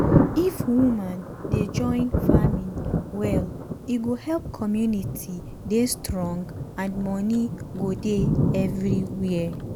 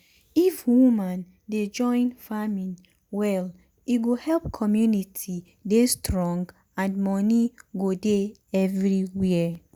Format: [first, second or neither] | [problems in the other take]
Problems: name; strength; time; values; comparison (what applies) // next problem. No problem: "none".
second | background sound (Thunder); as loud as the speech